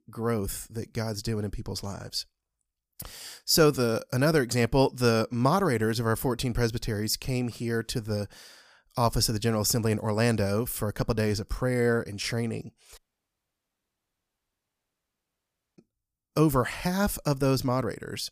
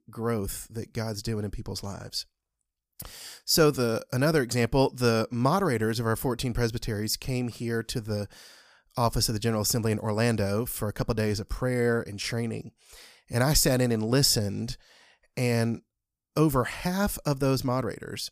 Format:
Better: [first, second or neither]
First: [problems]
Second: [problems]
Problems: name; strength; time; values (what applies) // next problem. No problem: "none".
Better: second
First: audio cutting out; at 13 s for 3 s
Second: none